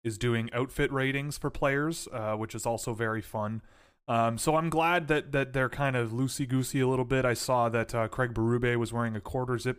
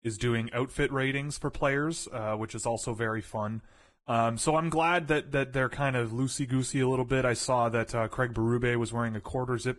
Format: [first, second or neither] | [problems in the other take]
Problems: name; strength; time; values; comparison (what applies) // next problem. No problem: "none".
first | garbled, watery; badly; nothing above 10 kHz